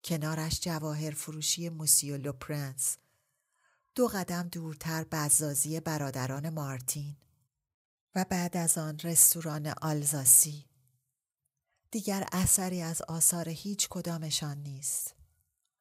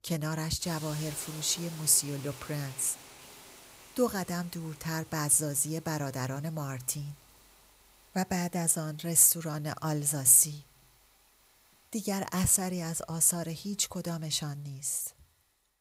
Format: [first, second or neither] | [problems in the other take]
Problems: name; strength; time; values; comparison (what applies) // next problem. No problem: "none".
first | hiss; faint; throughout; 20 dB below the speech